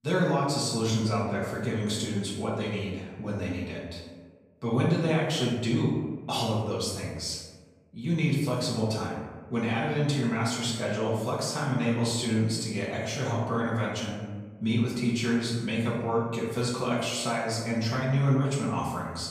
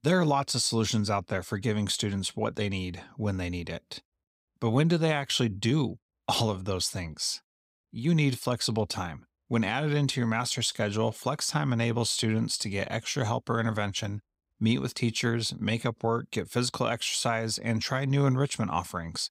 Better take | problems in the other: second | room echo; noticeable; dies away in 1.1 s // off-mic speech; far

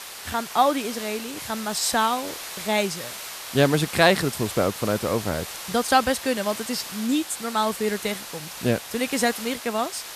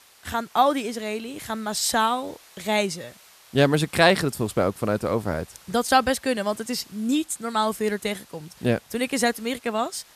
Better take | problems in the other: second | hiss; loud; throughout; 10 dB below the speech; faint in the second

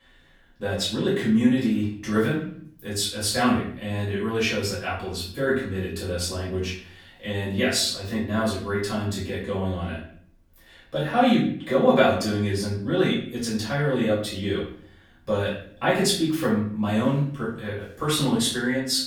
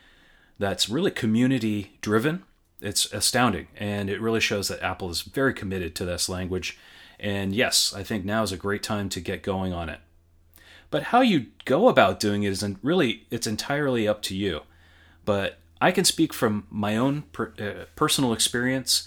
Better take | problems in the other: second | off-mic speech; far // room echo; noticeable; dies away in 0.5 s

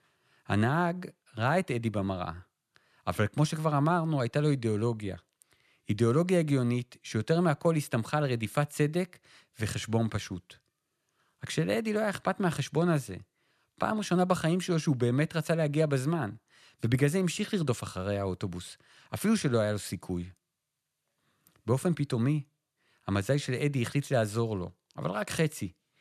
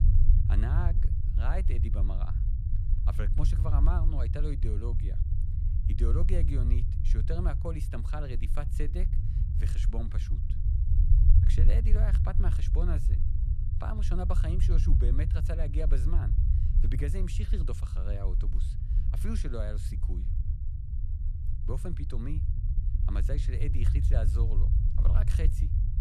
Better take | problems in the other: first | low rumble; loud; throughout; 4 dB below the speech

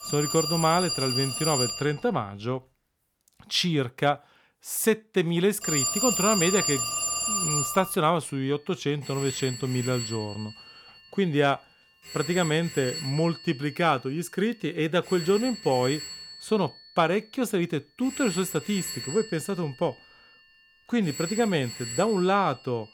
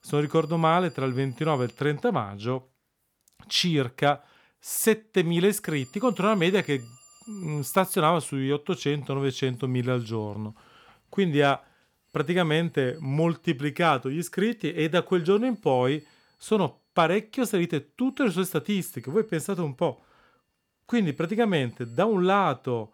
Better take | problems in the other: second | alarms or sirens; loud; throughout; 3 dB below the speech; faint in the second

